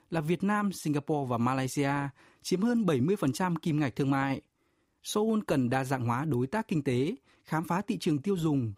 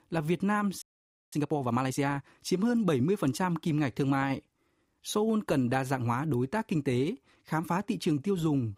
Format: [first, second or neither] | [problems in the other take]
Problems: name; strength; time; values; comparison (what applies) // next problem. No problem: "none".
first | audio freezing; at 1 s for 0.5 s